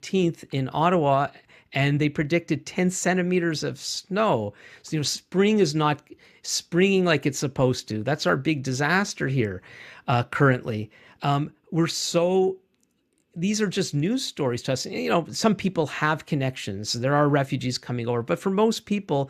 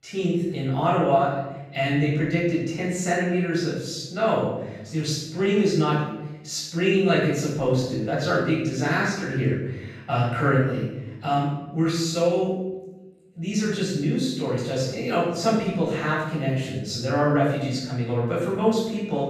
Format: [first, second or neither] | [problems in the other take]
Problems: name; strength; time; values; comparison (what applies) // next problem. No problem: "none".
first | off-mic speech; far // room echo; noticeable; dies away in 0.9 s